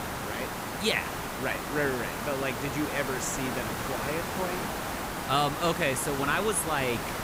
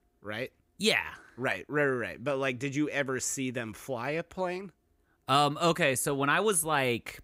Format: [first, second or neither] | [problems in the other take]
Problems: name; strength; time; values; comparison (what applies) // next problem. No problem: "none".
second | hiss; loud; throughout; 3 dB below the speech